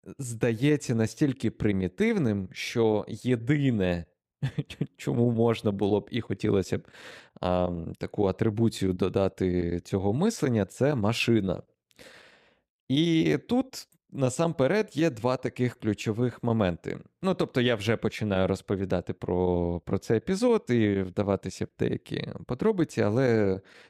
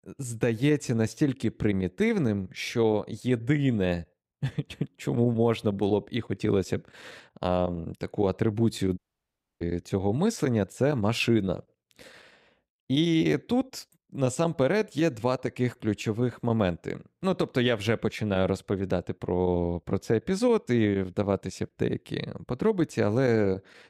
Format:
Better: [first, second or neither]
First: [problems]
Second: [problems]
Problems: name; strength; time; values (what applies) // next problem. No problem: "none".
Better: first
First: none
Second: audio cutting out; at 9 s for 0.5 s